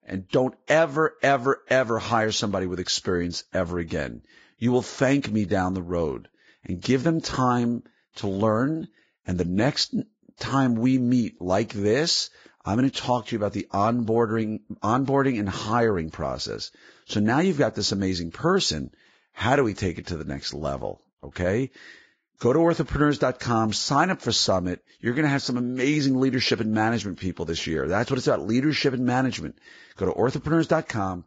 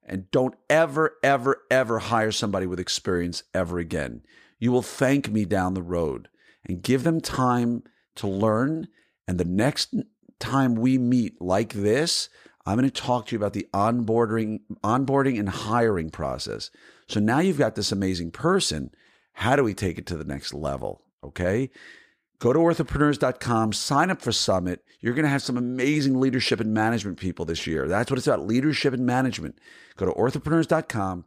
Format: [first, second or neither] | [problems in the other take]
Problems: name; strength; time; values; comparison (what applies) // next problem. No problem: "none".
second | garbled, watery; badly; nothing above 7.5 kHz